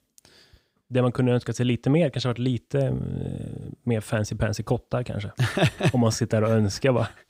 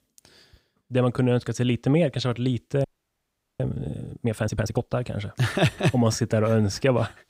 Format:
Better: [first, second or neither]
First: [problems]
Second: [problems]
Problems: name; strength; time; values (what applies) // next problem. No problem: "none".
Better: first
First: none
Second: audio freezing; at 3 s for 1 s